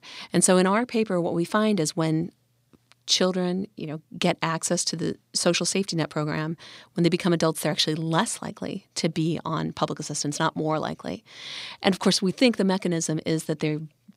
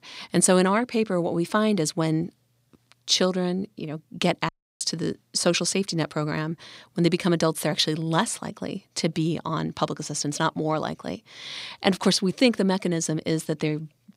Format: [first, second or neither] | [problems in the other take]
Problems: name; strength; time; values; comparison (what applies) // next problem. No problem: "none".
first | audio cutting out; at 4.5 s